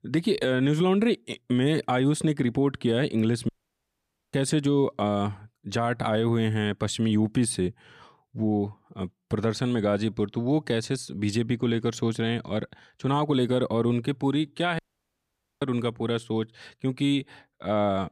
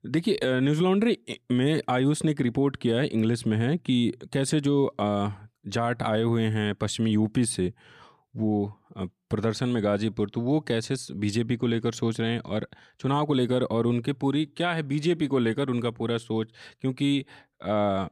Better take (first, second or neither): second